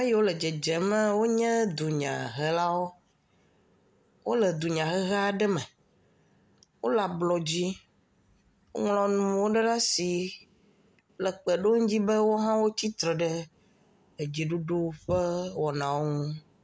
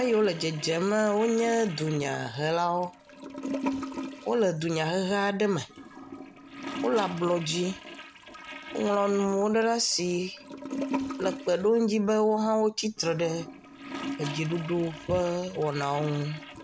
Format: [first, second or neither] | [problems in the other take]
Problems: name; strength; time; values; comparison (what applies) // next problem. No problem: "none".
first | background sound (Toilet flush / Gurgling); 11 dB below the speech